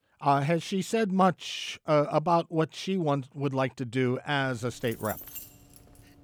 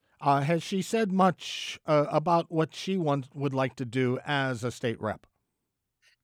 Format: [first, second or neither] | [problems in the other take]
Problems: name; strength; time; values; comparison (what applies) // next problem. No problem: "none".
second | jangling keys; faint; from 4.5 s on; peak 10 dB below the speech